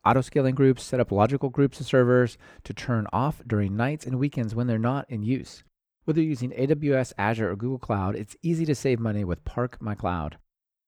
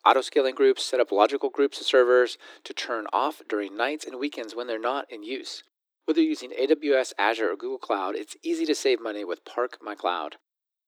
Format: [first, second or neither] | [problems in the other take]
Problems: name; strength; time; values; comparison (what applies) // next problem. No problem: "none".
first | thin; very; fading below 300 Hz